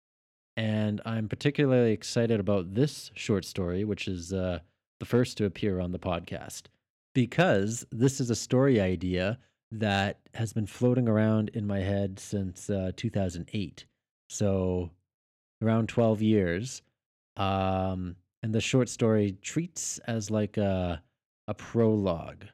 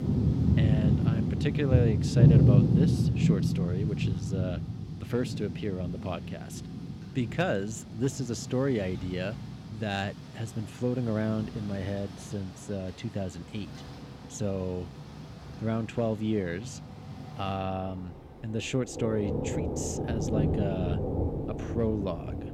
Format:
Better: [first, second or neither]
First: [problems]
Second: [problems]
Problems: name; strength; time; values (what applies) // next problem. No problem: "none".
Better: first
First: none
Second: rain or running water; very loud; throughout; 5 dB above the speech